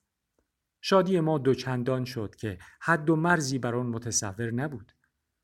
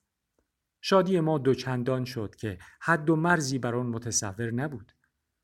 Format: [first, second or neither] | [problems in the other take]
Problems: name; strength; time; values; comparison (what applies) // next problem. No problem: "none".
neither | none